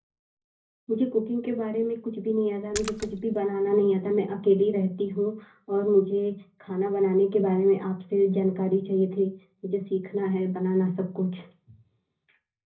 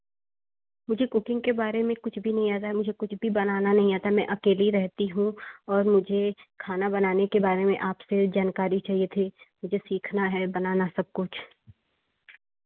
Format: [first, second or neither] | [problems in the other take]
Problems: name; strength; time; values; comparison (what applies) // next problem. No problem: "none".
second | background sound (Splash, splatter); 12 dB below the speech // room echo; dies away in 0.5 s